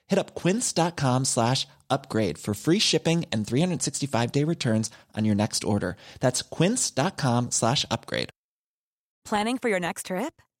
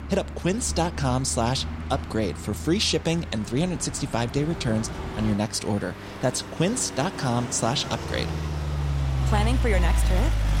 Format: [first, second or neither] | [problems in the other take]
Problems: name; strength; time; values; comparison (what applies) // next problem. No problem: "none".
first | traffic noise; loud; throughout; 4 dB below the speech